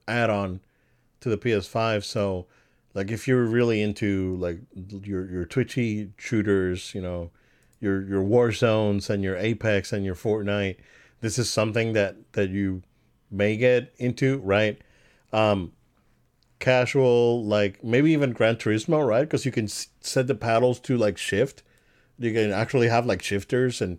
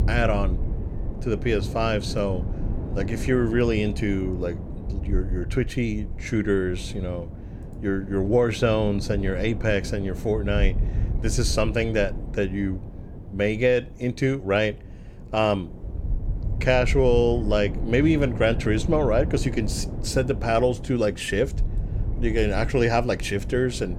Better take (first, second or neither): first